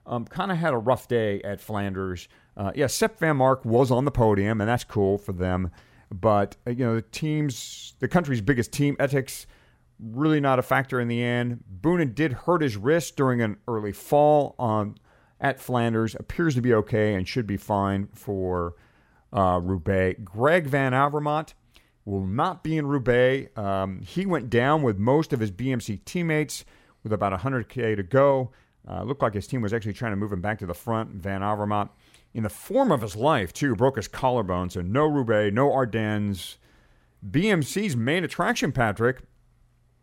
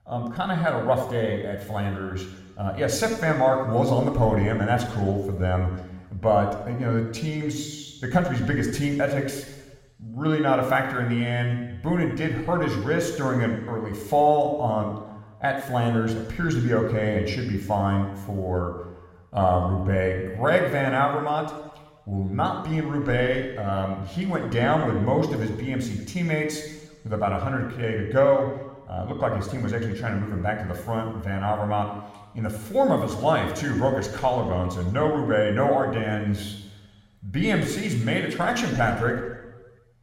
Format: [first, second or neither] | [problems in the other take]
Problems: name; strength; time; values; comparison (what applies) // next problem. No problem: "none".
first | room echo; noticeable; dies away in 1.1 s